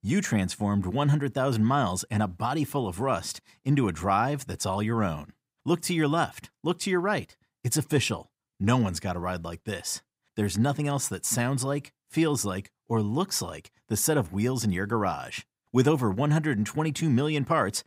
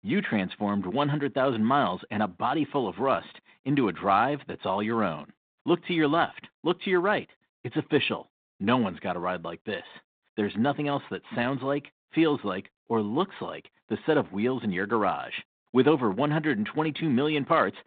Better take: first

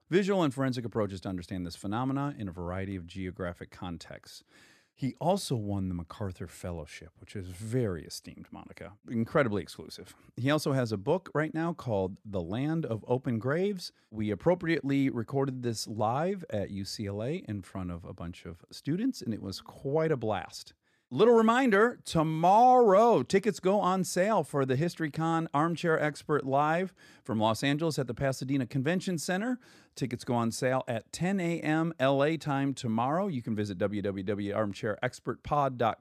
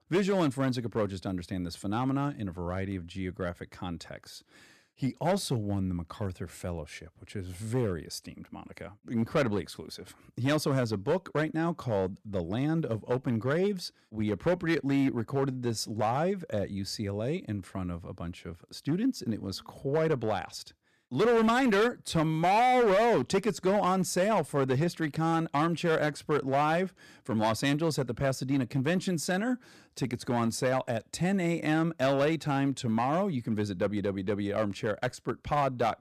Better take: first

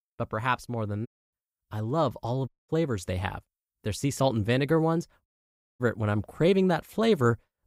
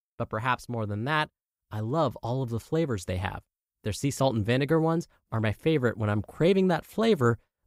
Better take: second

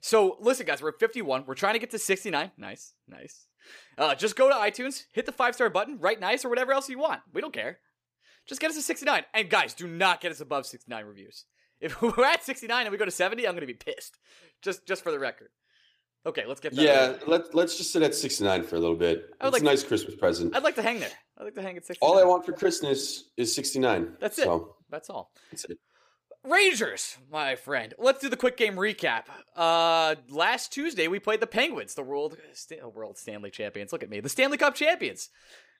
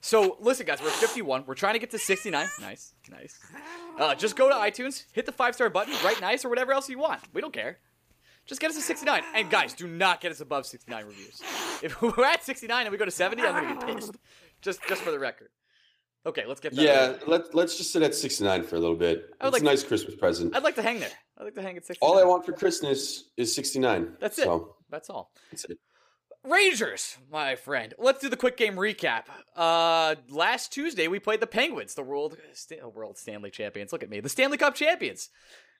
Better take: first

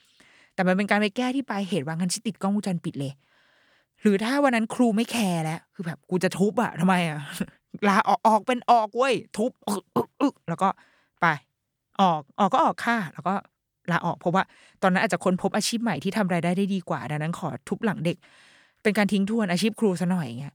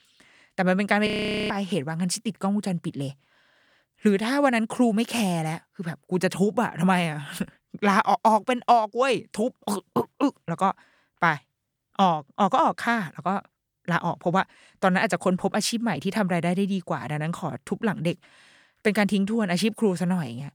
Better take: first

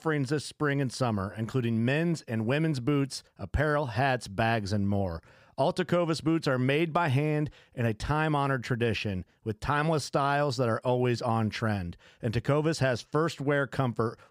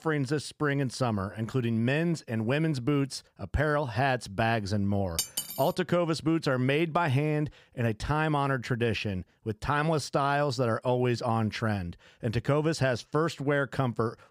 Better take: first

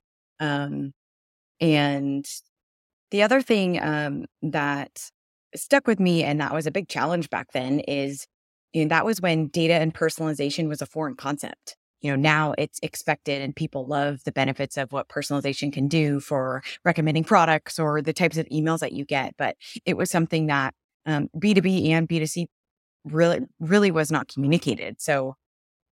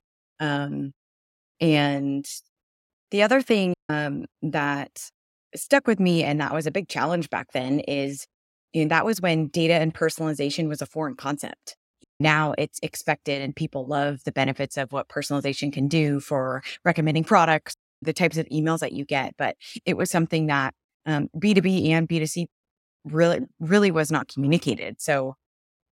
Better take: first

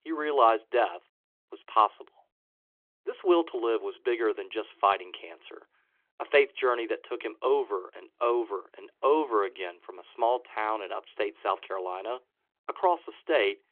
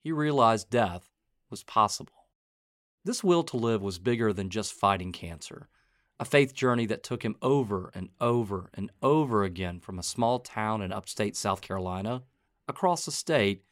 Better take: second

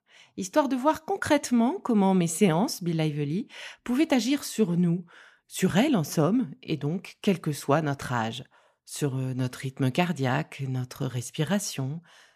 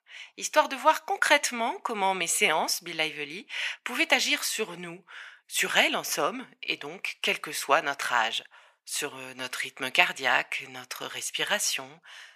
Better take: first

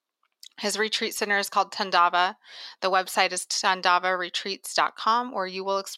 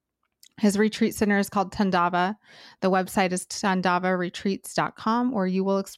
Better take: second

